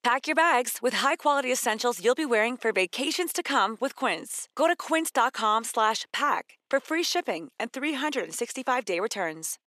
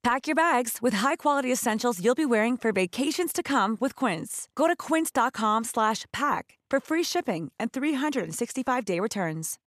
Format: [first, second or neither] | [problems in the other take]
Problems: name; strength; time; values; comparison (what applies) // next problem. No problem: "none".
second | thin; somewhat; fading below 400 Hz